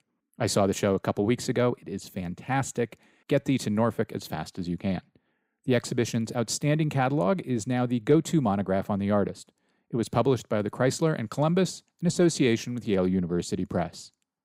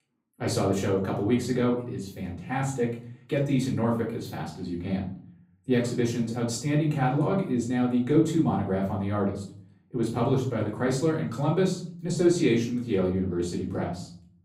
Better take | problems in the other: first | off-mic speech; far // room echo; slight; dies away in 0.5 s

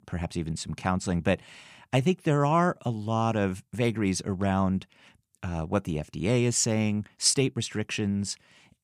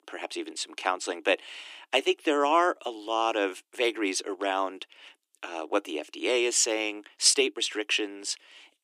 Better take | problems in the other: first | thin; very; fading below 300 Hz

